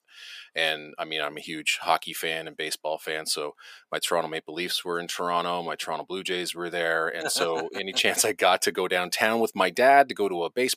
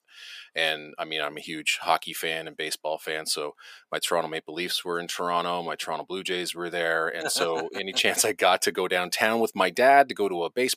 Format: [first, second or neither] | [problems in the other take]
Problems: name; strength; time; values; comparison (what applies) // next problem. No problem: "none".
neither | thin; somewhat; fading below 400 Hz; the same in both